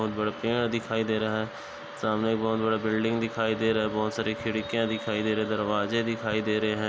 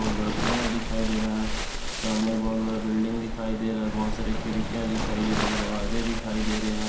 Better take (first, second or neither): first